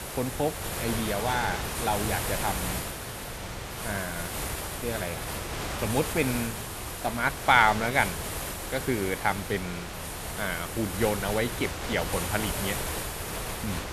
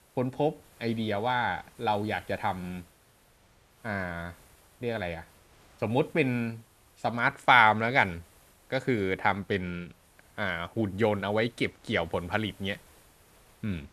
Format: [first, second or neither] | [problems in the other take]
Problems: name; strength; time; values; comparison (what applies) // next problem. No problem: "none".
second | hiss; loud; throughout; 4 dB below the speech; faint in the second